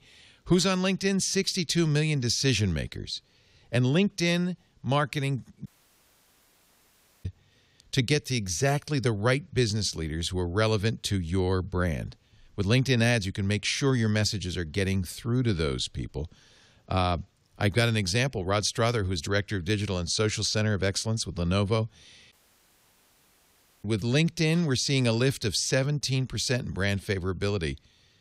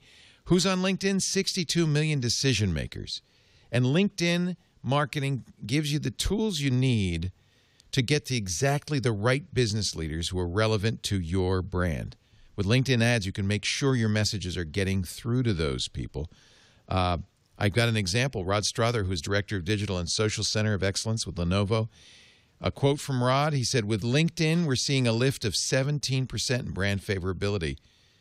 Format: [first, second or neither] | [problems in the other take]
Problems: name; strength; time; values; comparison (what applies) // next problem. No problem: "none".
second | audio cutting out; at 5.5 s for 1.5 s and at 22 s for 1.5 s